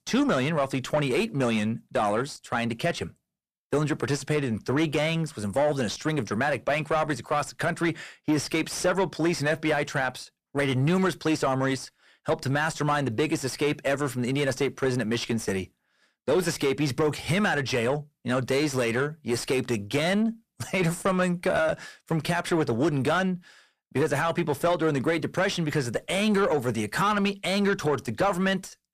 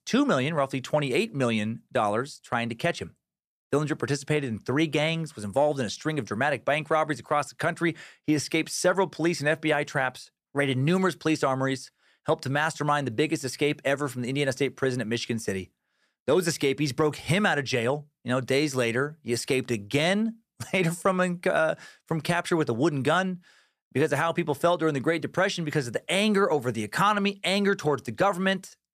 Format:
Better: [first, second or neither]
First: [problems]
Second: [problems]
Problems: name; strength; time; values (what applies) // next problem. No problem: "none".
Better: second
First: distortion; slight; 10 dB below the speech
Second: none